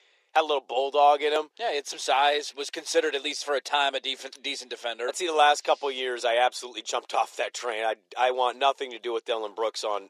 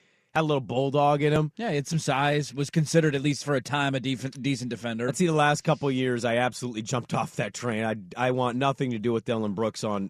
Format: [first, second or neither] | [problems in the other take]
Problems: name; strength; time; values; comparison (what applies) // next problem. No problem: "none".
second | thin; very; fading below 350 Hz